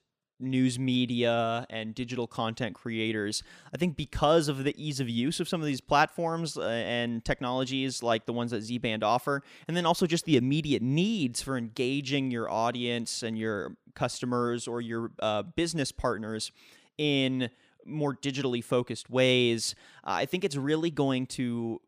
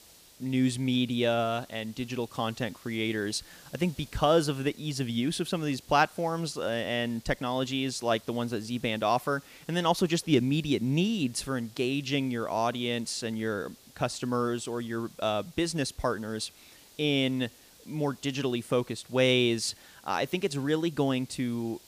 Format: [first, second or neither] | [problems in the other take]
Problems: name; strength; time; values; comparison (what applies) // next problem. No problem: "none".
first | hiss; faint; throughout; 25 dB below the speech